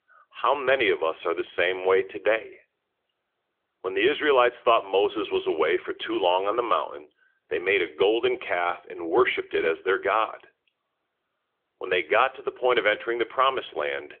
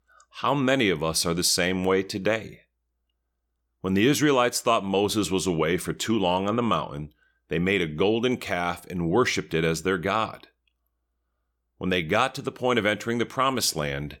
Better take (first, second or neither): second